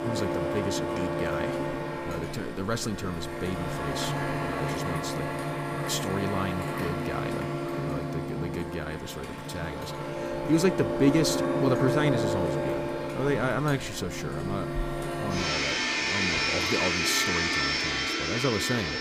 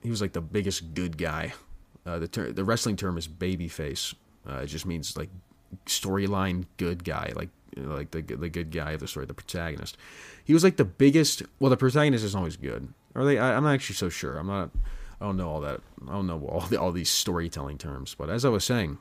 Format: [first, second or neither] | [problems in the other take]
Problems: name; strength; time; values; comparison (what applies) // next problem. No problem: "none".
second | household noises; very loud; throughout; 2 dB above the speech